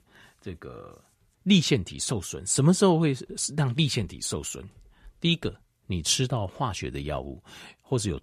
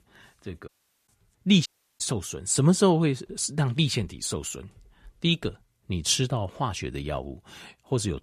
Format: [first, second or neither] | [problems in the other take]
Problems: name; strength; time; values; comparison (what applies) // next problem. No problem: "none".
first | audio cutting out; at 0.5 s and at 1.5 s